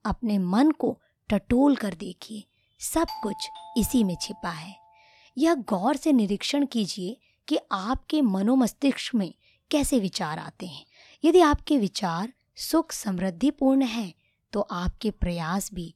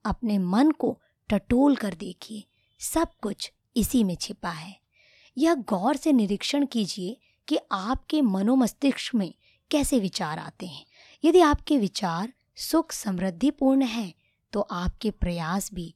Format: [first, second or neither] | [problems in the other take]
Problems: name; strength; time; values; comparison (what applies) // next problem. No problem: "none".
second | doorbell; faint; from 3 to 4.5 s; peak 10 dB below the speech